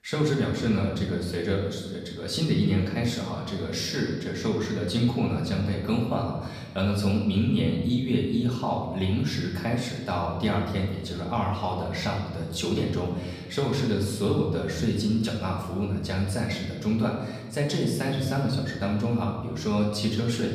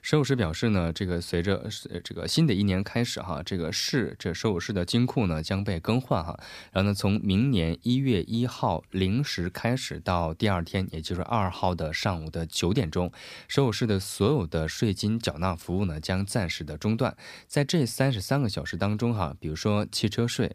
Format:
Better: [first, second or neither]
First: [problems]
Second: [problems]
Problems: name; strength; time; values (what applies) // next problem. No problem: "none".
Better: second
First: room echo; noticeable; dies away in 1.1 s // off-mic speech; far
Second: none